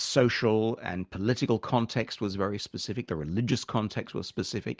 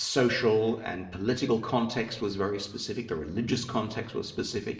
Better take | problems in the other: first | room echo; dies away in 0.8 s

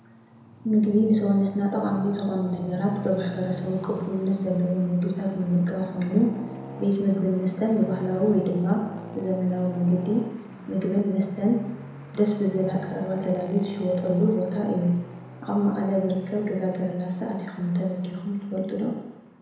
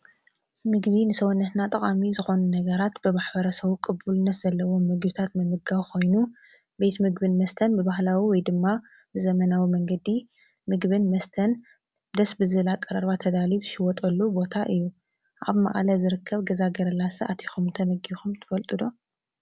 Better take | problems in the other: second | background sound (Traffic noise, roadway noise); 15 dB below the speech // room echo; dies away in 1 s

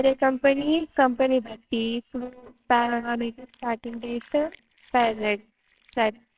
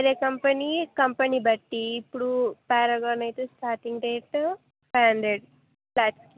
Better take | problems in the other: second | noise reduction (neural separator model SepFormer WHAMR!)

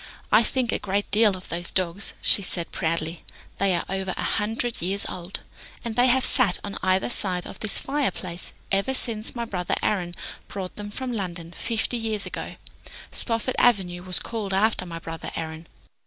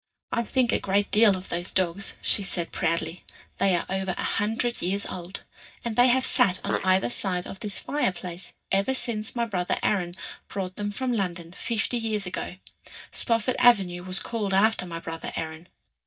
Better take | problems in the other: first | noise reduction (neural mask model DeepFilterNet 3)

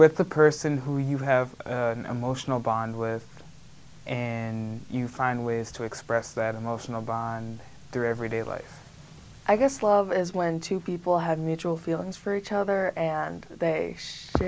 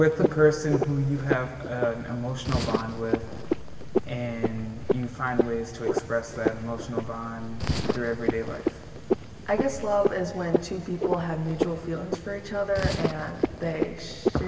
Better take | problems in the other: first | background sound (Frog); 2 dB below the speech // room echo; dies away in 1.8 s

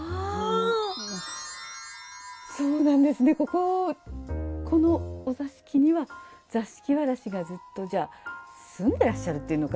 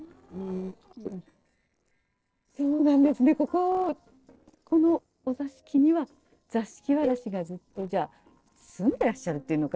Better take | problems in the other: first | noise reduction (neural separator model SepFormer DNS4)

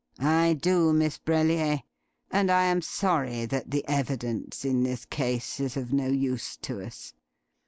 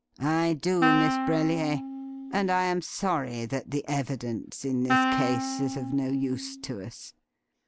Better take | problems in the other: first | background sound (Wind instrument, woodwind instrument); 2 dB below the speech

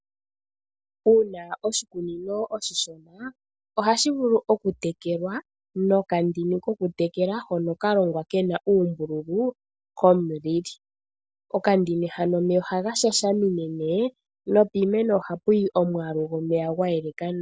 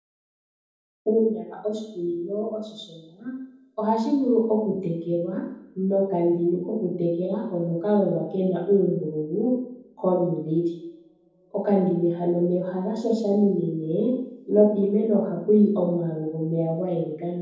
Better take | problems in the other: first | room echo; dies away in 0.9 s

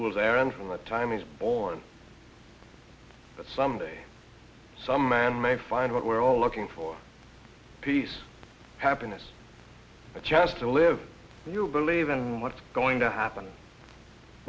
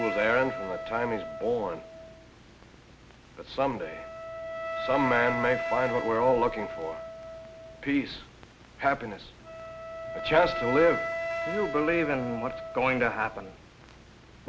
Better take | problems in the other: first | background sound (Wind instrument, woodwind instrument); 7 dB below the speech

